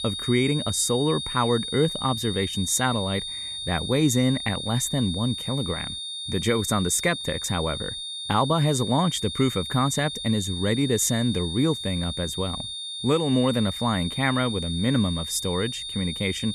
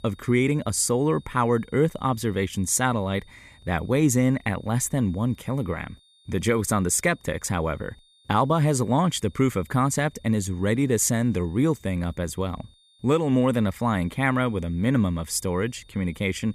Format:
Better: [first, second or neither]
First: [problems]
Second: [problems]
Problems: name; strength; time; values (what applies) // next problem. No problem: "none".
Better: second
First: high-pitched whine; loud; throughout; 3.5 kHz, 6 dB below the speech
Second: high-pitched whine; faint; throughout; 3.5 kHz, 30 dB below the speech